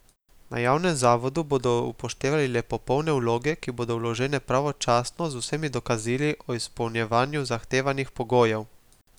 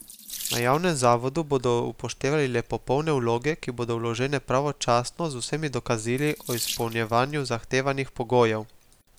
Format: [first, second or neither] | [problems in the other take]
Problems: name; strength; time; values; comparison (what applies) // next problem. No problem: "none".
first | background sound (Sink (filling or washing) / Water tap, faucet); 17 dB below the speech